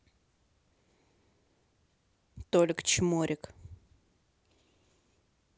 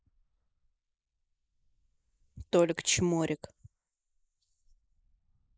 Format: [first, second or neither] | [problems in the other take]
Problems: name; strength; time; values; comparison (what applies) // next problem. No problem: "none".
first | noise reduction (neural mask model Resemble Enhance denoiser)